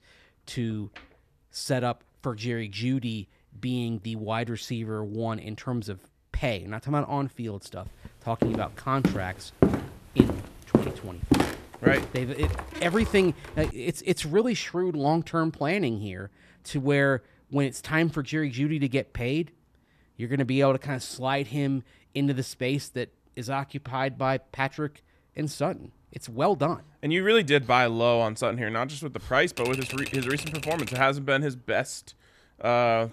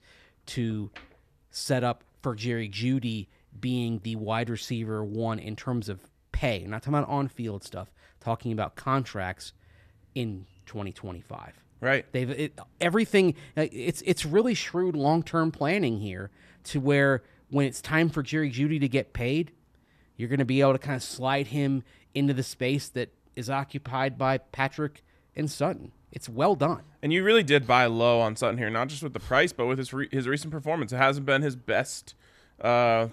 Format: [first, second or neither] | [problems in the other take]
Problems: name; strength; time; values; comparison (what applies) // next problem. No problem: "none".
second | footsteps; loud; from 8.5 to 14 s; peak 3 dB above the speech // keyboard typing; noticeable; from 30 to 31 s; peak 6 dB below the speech